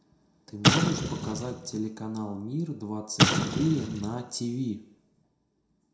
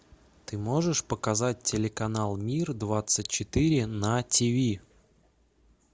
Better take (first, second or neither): second